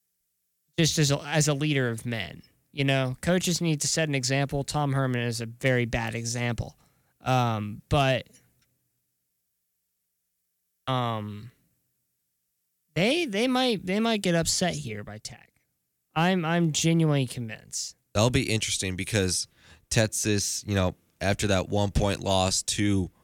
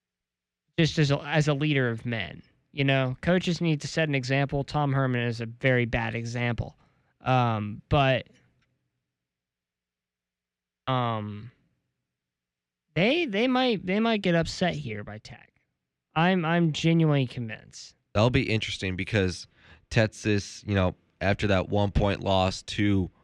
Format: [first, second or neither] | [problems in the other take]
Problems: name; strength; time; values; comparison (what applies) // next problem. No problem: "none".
first | muffled; slightly; fading above 2.5 kHz